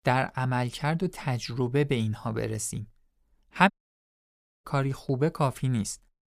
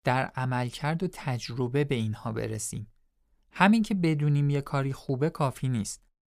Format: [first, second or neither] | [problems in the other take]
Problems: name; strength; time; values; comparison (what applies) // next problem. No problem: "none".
second | audio cutting out; at 3.5 s for 1 s